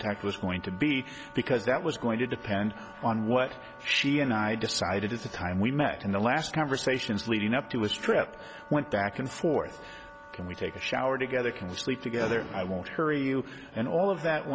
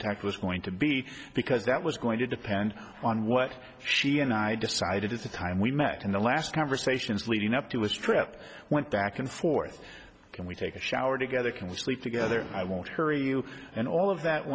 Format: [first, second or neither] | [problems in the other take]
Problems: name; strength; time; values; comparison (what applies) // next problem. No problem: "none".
second | background sound (Wind instrument, woodwind instrument); 20 dB below the speech